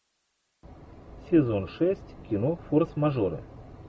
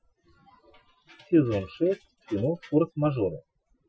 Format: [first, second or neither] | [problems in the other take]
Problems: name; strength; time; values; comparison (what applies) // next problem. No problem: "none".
first | noise reduction (classical method Wiener filter)